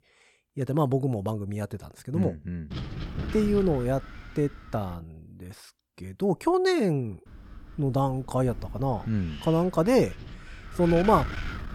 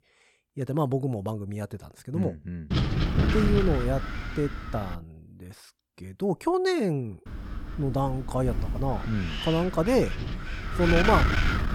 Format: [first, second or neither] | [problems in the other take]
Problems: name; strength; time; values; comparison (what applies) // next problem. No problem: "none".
first | wind noise on the microphone; heavy; from 2.5 to 5 s and from 7.5 s on; 2 dB below the speech; occasional gusts in the first